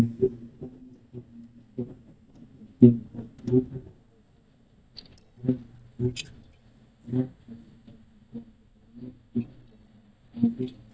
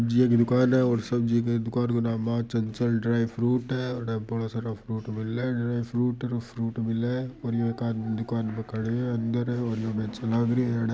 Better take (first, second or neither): second